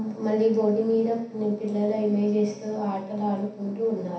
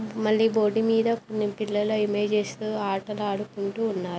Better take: second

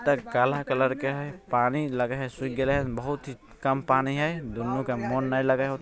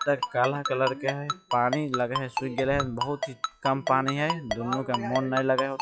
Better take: first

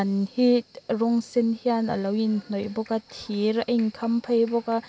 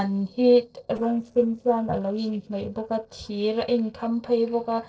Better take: first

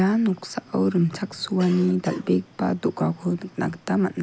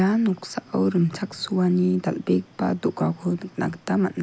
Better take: second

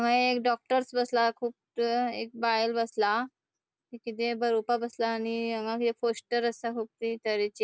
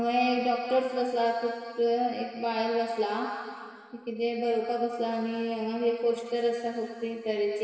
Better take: first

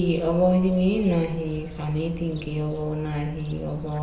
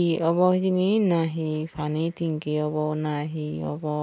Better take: second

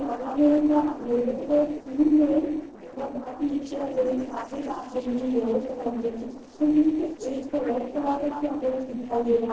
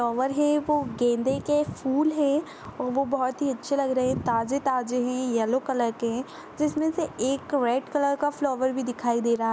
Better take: second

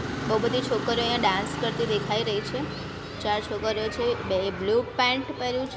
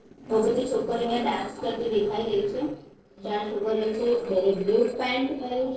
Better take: first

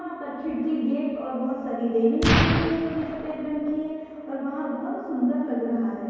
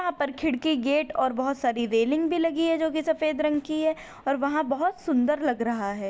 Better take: second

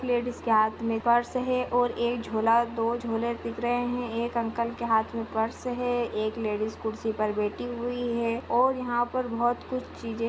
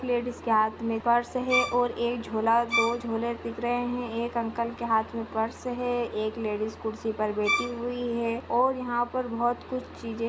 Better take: first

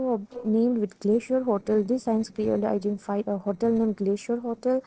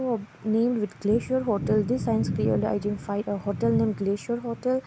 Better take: second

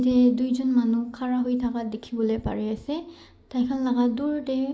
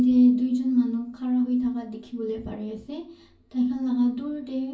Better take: first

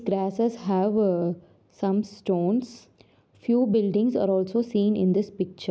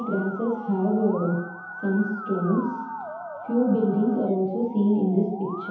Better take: first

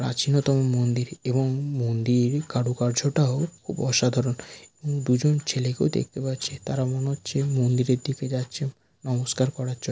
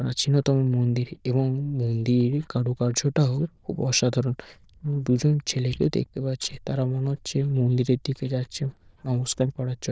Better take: first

